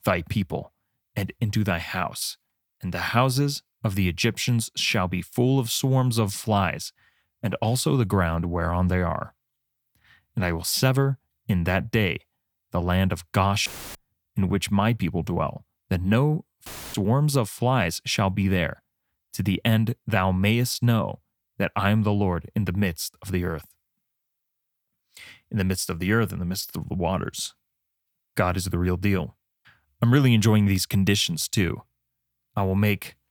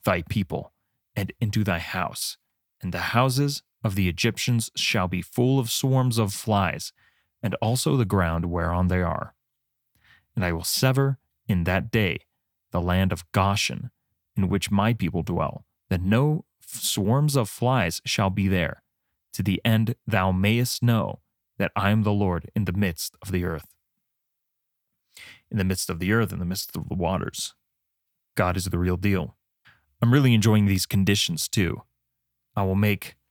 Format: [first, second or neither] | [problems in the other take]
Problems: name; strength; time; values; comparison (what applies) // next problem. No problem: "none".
second | audio cutting out; filled with static; at 14 s and at 17 s